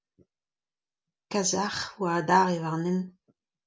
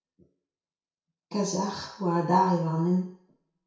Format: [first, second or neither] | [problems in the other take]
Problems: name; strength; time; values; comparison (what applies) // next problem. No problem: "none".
first | room echo; dies away in 0.6 s